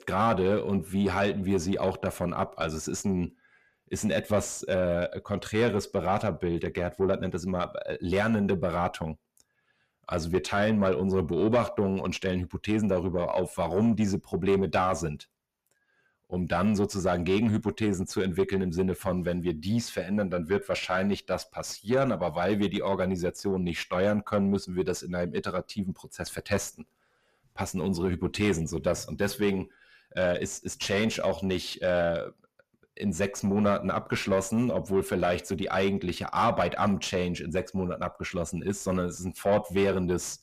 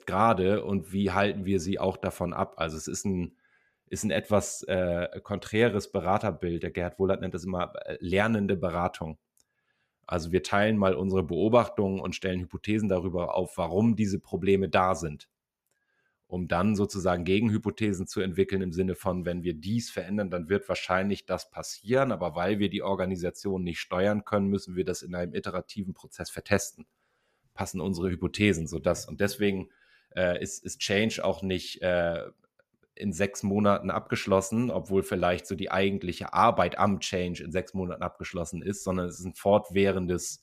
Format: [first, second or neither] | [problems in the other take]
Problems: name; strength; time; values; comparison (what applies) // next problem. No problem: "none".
second | distortion; slight; 10 dB below the speech